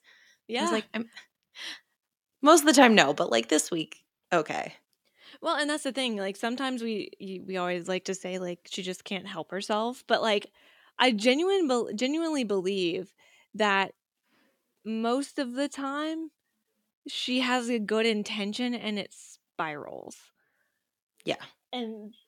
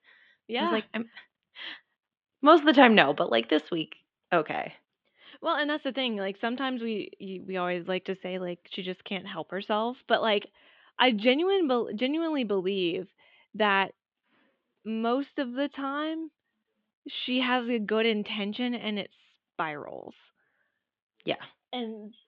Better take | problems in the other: first | muffled; very; fading above 3.5 kHz

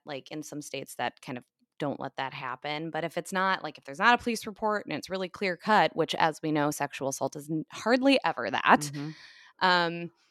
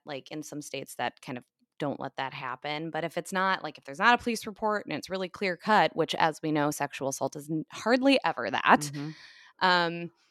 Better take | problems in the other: neither | none

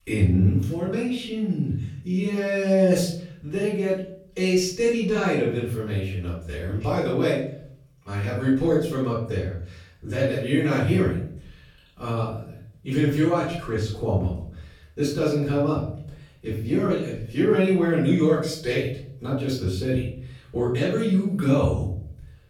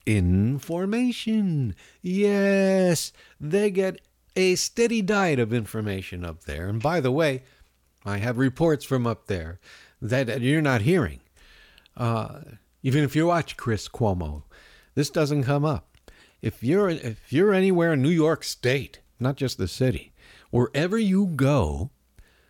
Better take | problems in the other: second | off-mic speech; far // room echo; noticeable; dies away in 0.6 s

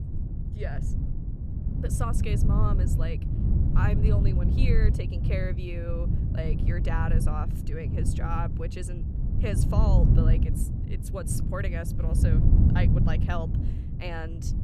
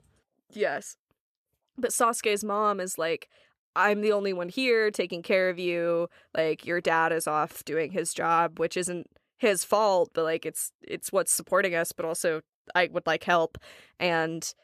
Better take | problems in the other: second | wind noise on the microphone; heavy; 3 dB below the speech

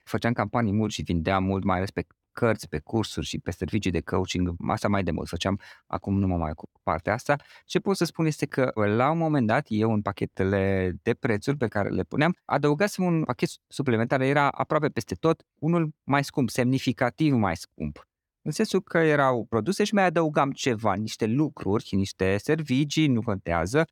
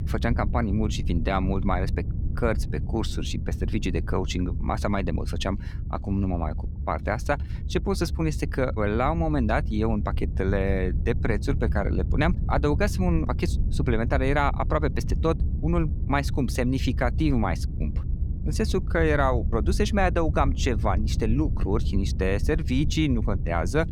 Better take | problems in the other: first | low rumble; noticeable; throughout; 15 dB below the speech

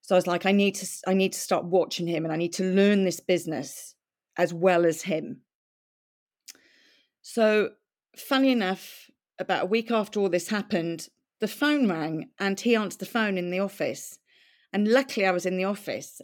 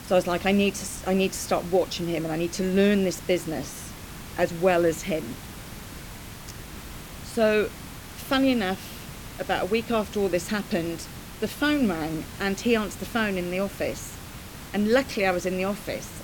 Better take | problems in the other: first | hiss; noticeable; throughout; 15 dB below the speech

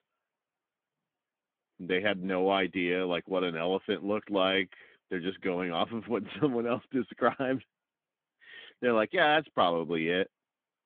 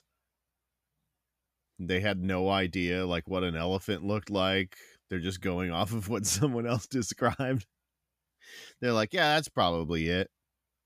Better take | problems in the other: second | phone-call audio; nothing above 3.5 kHz

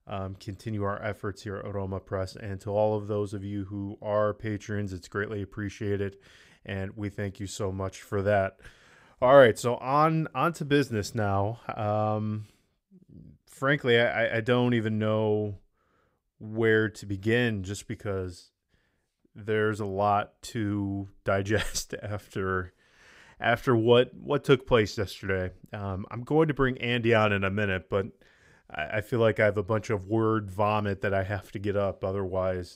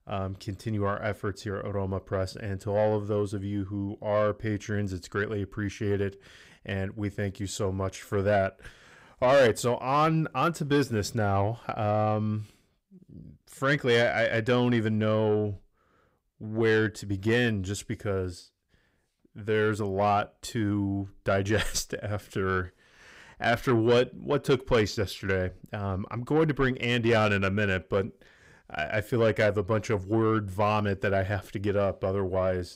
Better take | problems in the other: first | distortion; slight; 10 dB below the speech

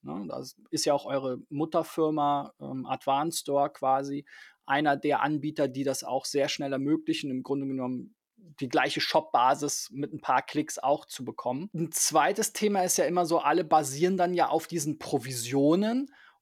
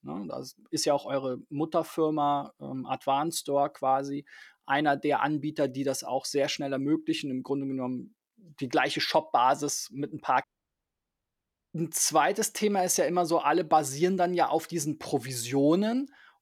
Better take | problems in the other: first | audio cutting out; at 10 s for 1.5 s

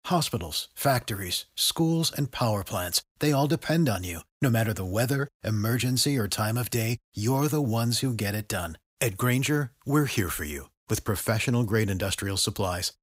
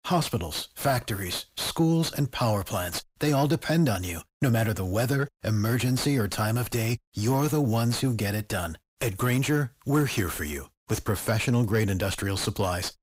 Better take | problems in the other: first | distortion; slight; 10 dB below the speech

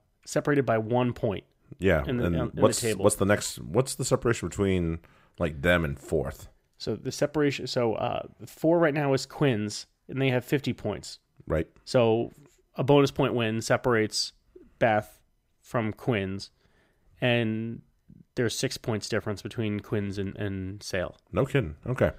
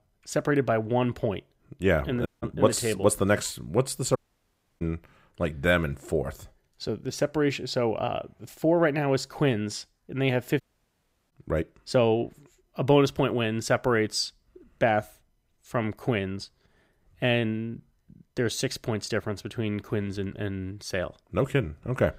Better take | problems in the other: first | audio cutting out; at 2.5 s, at 4 s for 0.5 s and at 11 s for 0.5 s

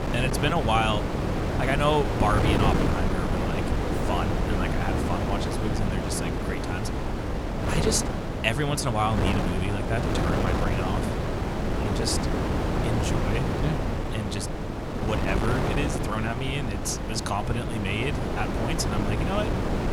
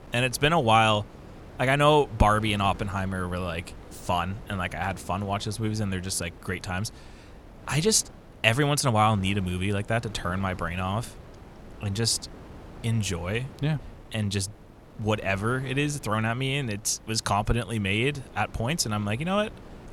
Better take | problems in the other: second | wind noise on the microphone; heavy; 1 dB below the speech; occasional gusts in the second

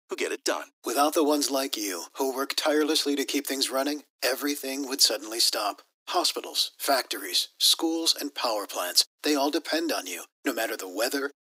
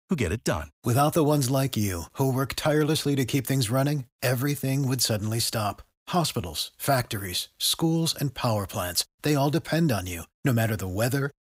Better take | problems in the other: second | thin; somewhat; fading below 300 Hz

